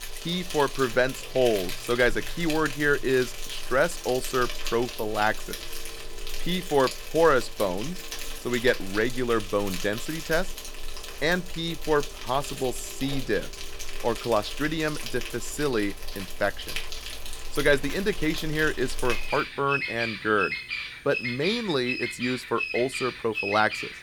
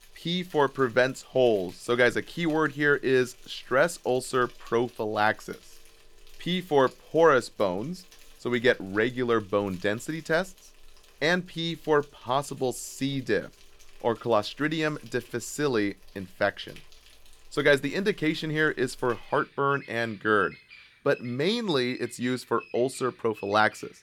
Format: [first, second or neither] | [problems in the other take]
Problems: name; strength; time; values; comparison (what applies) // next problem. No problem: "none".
second | animal sounds; loud; throughout; 8 dB below the speech; faint in the second